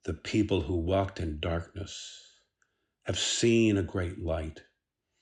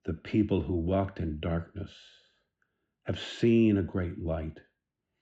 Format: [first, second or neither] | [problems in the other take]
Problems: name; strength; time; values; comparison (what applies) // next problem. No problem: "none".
first | muffled; very; fading above 2.5 kHz